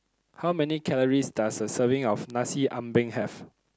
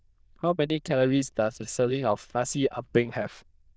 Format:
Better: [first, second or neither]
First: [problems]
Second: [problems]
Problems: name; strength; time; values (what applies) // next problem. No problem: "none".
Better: first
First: none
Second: noise reduction (neural diffusion model UNIVERSE++)